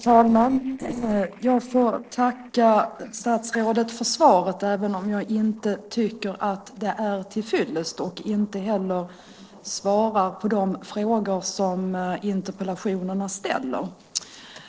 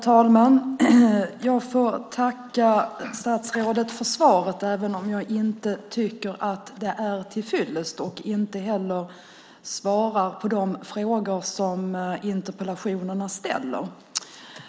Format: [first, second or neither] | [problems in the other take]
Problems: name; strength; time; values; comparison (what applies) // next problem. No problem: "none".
second | noise reduction (neural separator model SepFormer DNS4)